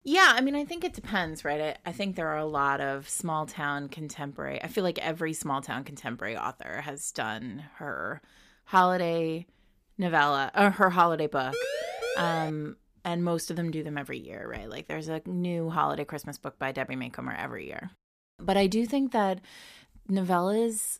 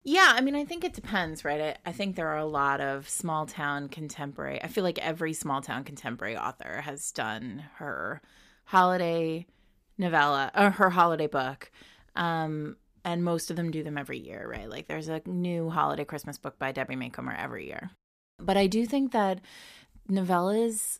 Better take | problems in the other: second | siren; noticeable; at 12 s; peak 3 dB below the speech

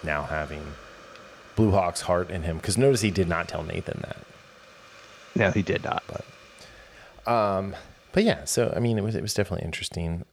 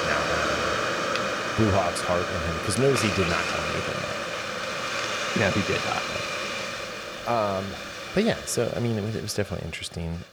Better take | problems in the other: first | hiss; loud; throughout; as loud as the speech; faint in the first

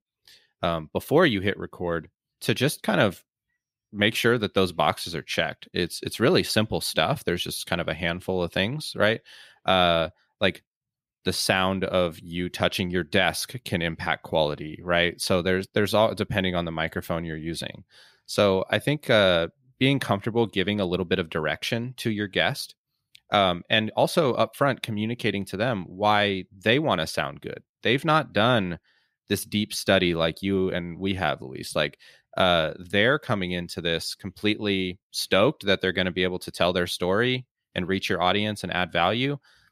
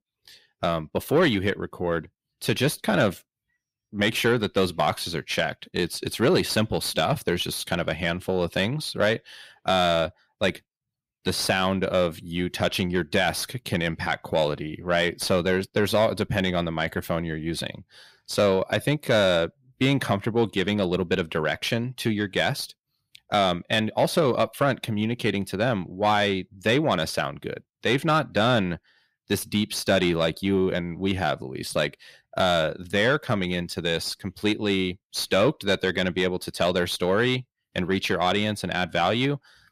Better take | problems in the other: first | distortion; slight; 10 dB below the speech

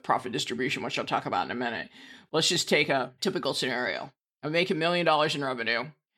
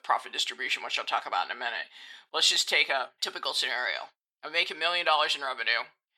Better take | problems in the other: first | thin; very; fading below 900 Hz

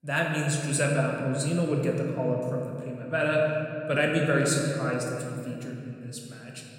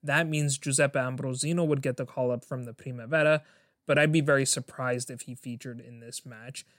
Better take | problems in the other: second | room echo; noticeable; dies away in 2.4 s // off-mic speech; somewhat distant

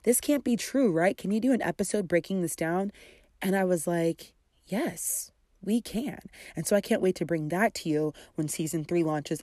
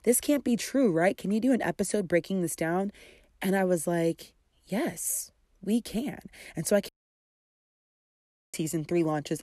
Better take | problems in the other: first | audio cutting out; at 7 s for 1.5 s

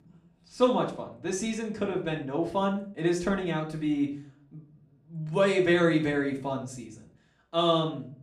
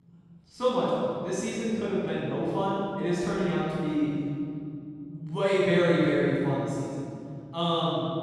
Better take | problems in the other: first | room echo; strong; dies away in 2.7 s; slight in the first // off-mic speech; far; far in the first

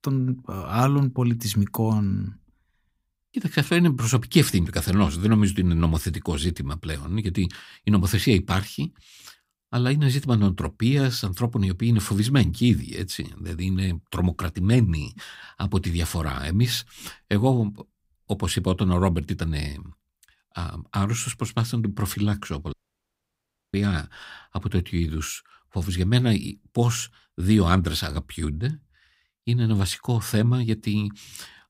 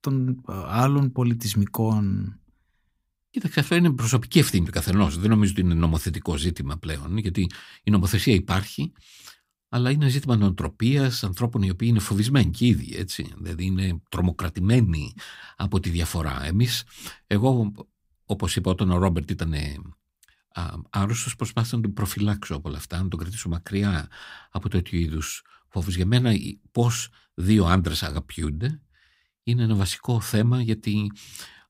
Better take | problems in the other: second | audio cutting out; at 23 s for 1 s

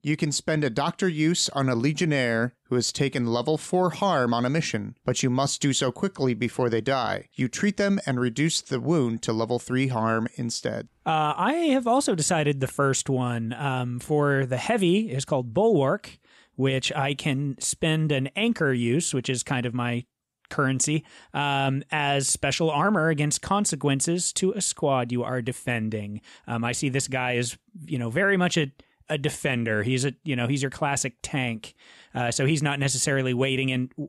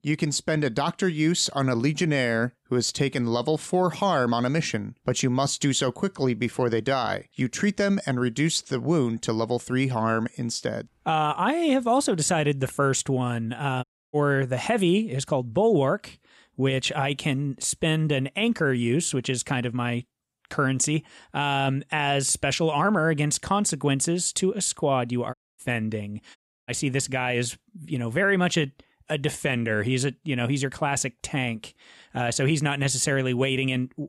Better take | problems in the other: first | audio cutting out; at 14 s, at 25 s and at 26 s

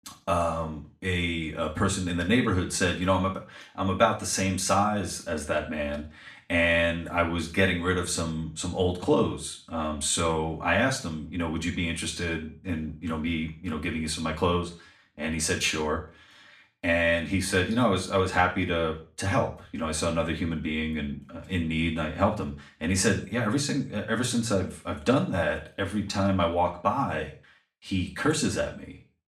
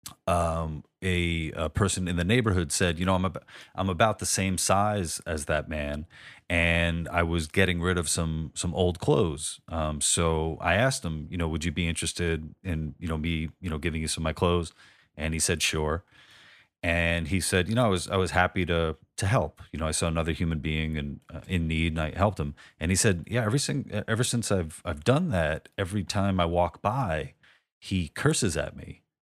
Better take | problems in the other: second | room echo; slight; dies away in 0.4 s // off-mic speech; far

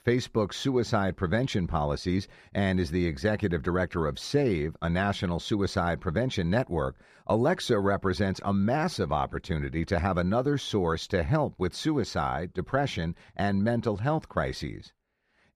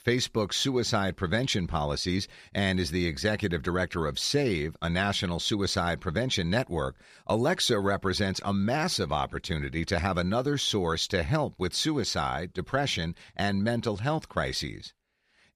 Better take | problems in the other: second | muffled; slightly; fading above 2 kHz

